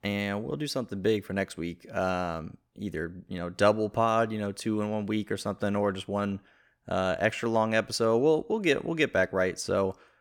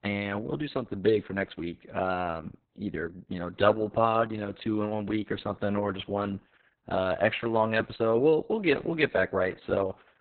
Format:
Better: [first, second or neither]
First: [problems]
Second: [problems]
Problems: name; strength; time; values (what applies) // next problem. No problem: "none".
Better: first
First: none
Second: garbled, watery; badly; nothing above 4 kHz